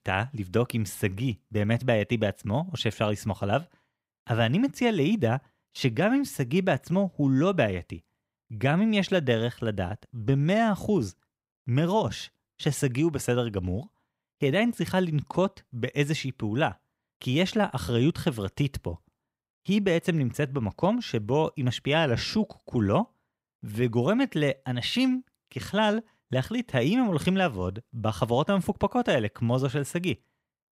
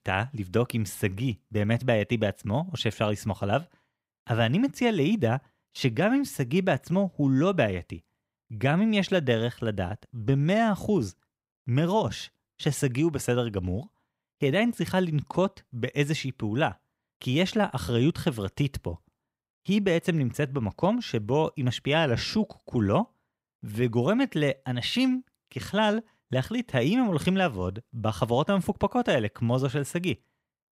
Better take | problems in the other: neither | none

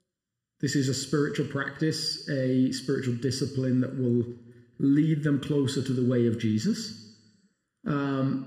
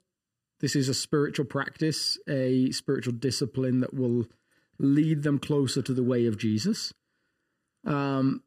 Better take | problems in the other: second | room echo; slight; dies away in 0.9 s

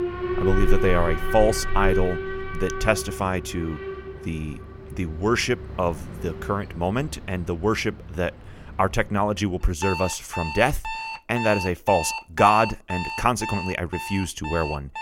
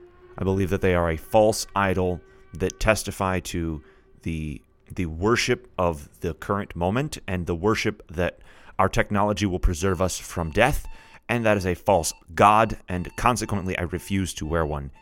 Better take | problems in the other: second | alarms or sirens; loud; throughout; 6 dB below the speech; faint in the second

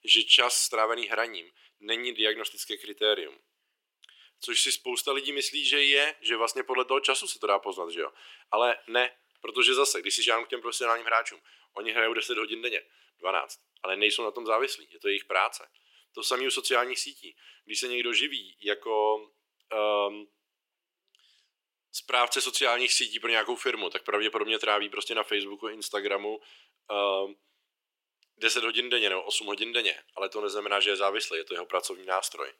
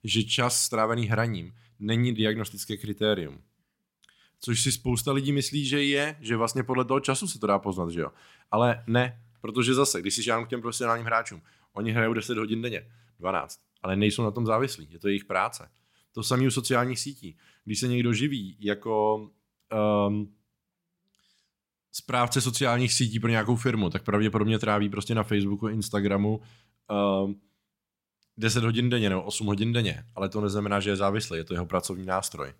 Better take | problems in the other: second | thin; very; fading below 350 Hz

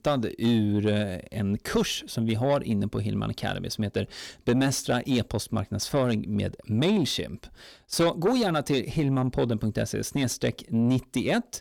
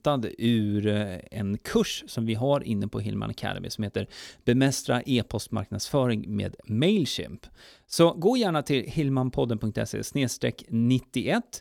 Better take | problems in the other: second | distortion; slight; 10 dB below the speech

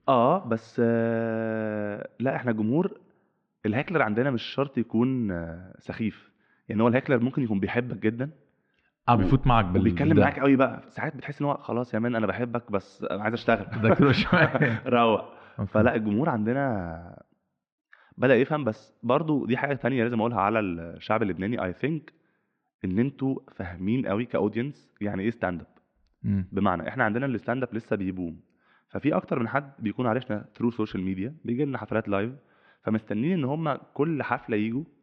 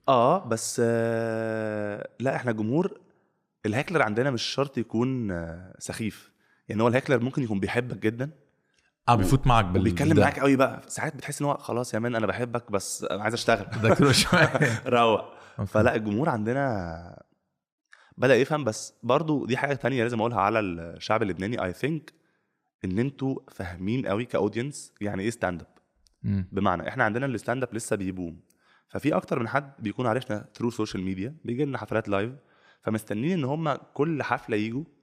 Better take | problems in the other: second | muffled; slightly; fading above 3.5 kHz

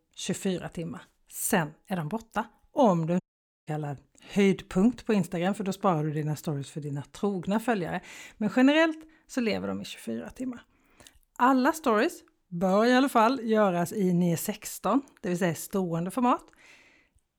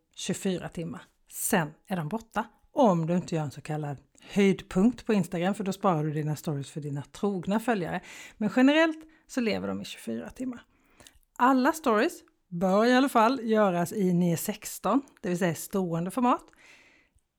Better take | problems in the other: second | audio cutting out; at 3 s

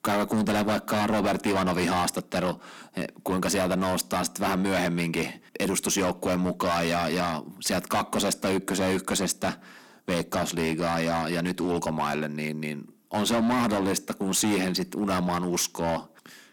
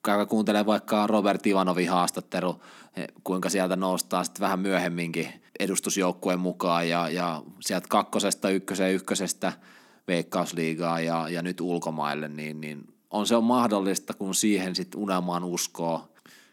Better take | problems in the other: second | distortion; heavy; 15% of the sound clipped

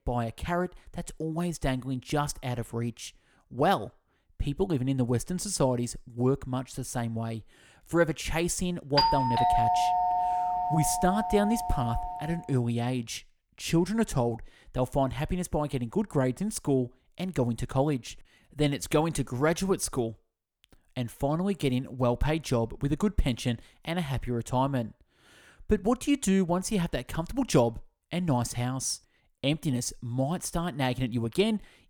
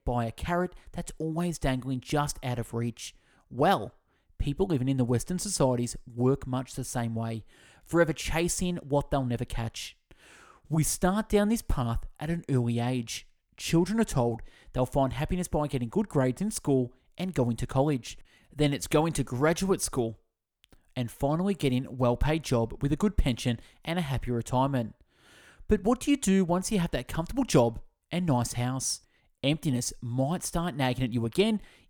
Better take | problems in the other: second | doorbell; loud; from 9 to 12 s; peak 5 dB above the speech

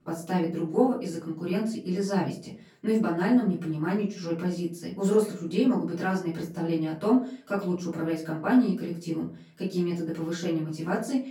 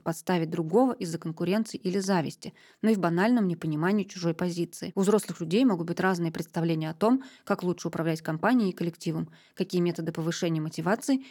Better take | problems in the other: second | off-mic speech; far // room echo; slight; dies away in 0.3 s

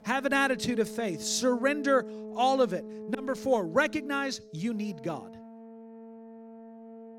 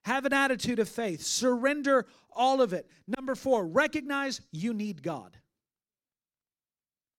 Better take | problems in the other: second | background music; noticeable; throughout; 15 dB below the speech

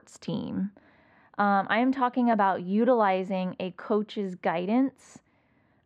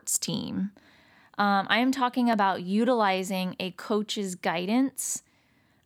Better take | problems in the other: second | muffled; very; fading above 2 kHz

